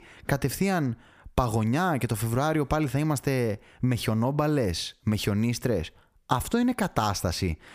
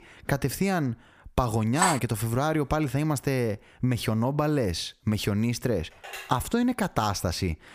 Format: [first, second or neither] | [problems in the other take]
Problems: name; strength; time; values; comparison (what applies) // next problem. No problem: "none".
first | clattering dishes; loud; at 2 s; peak 1 dB above the speech // phone ringing; faint; at 6 s; peak 10 dB below the speech